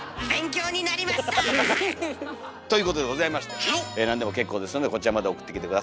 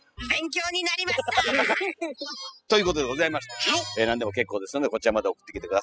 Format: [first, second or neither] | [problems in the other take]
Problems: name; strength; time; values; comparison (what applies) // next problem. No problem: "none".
first | noise reduction (classical method spectral subtraction)